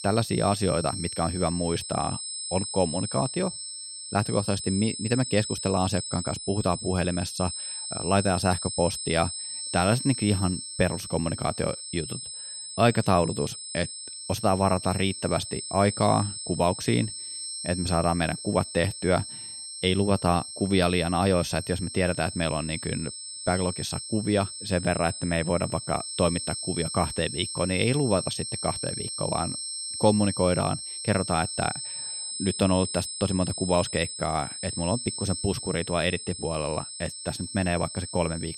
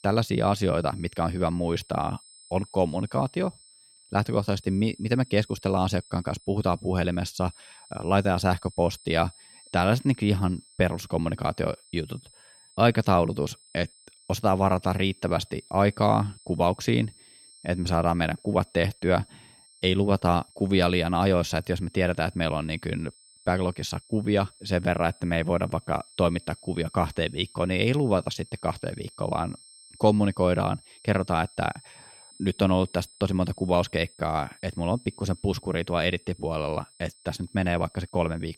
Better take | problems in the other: second | high-pitched whine; loud; throughout; 8 kHz, 6 dB below the speech; faint in the second

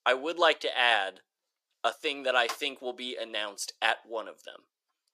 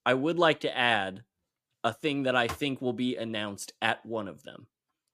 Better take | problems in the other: second | thin; very; fading below 450 Hz

